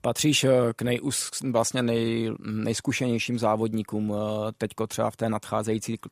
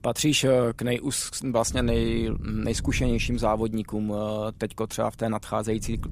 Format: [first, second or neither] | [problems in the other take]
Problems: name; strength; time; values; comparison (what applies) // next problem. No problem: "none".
first | wind noise on the microphone; occasional gusts; 20 dB below the speech